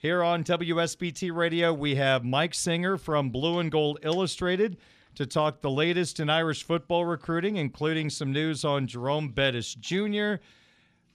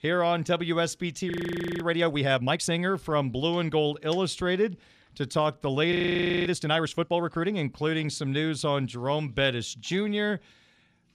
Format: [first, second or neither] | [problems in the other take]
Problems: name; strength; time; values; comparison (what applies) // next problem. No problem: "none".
first | audio freezing; at 1.5 s for 0.5 s and at 6 s for 0.5 s